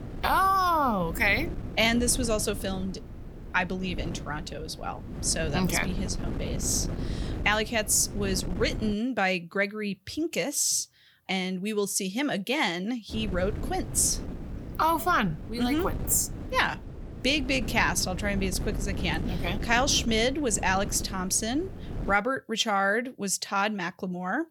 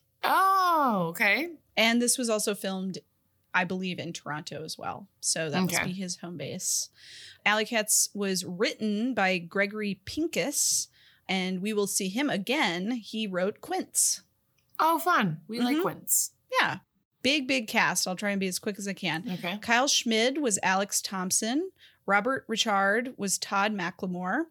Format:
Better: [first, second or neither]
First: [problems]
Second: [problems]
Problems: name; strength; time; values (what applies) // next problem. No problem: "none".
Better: second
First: wind noise on the microphone; occasional gusts; until 9 s and from 13 to 22 s; 15 dB below the speech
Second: none